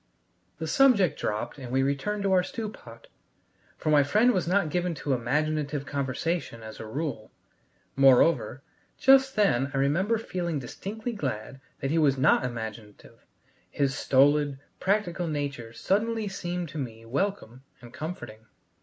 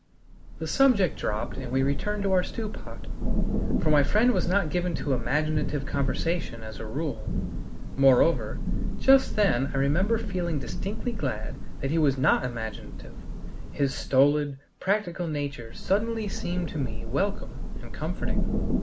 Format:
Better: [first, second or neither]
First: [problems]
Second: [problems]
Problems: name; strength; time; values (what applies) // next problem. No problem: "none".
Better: first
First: none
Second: background sound (Thunder / Rain); as loud as the speech